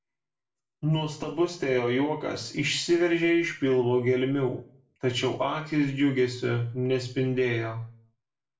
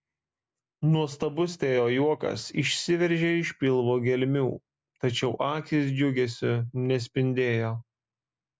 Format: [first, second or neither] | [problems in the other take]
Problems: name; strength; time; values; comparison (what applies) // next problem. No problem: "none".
second | room echo; dies away in 0.4 s